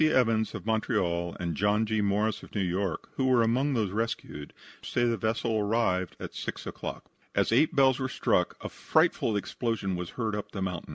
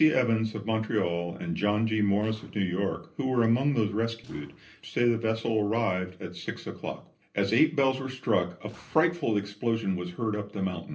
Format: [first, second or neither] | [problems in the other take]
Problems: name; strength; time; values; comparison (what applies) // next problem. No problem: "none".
first | noise reduction (neural separator model SepFormer DNS4)